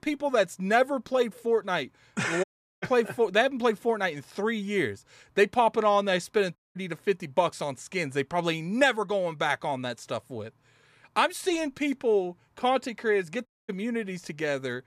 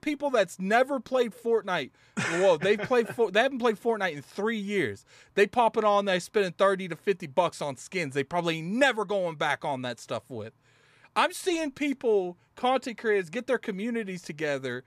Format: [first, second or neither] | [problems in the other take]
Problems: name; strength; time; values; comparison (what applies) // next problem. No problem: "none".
second | audio cutting out; at 2.5 s, at 6.5 s and at 13 s